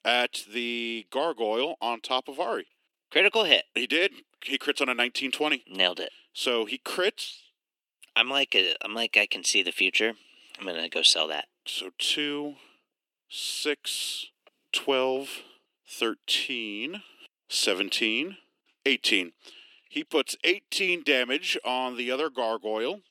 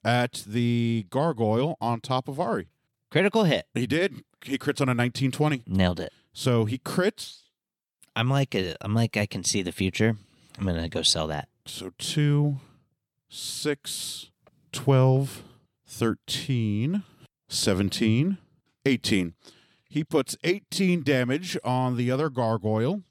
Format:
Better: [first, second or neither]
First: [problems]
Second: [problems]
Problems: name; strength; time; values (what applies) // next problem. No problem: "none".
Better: second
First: thin; somewhat; fading below 300 Hz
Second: none